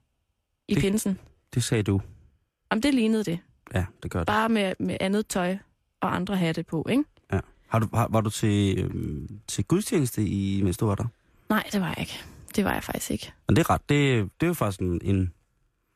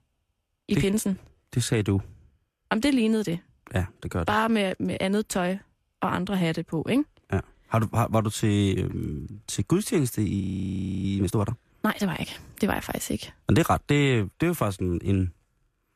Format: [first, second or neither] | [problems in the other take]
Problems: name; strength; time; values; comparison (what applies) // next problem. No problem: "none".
first | audio freezing; at 10 s for 0.5 s